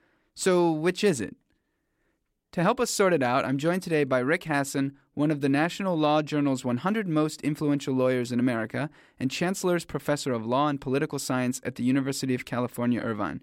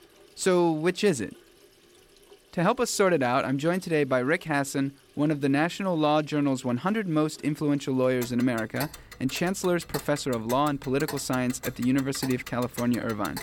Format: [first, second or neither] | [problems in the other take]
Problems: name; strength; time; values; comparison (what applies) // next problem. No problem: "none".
first | household noises; noticeable; throughout; 15 dB below the speech